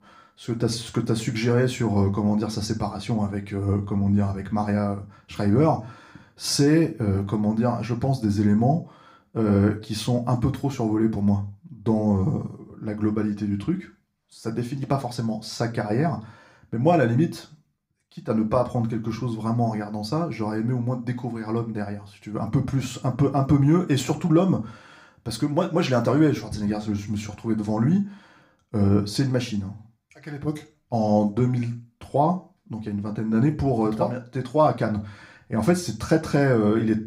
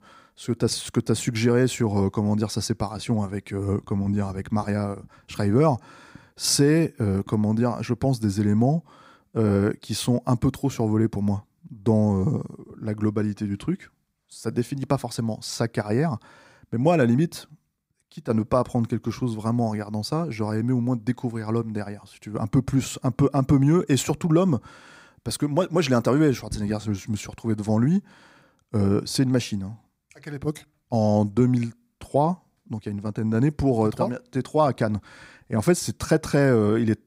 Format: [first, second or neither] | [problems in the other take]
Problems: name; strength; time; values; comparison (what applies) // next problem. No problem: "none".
second | room echo; very slight; dies away in 0.3 s // off-mic speech; somewhat distant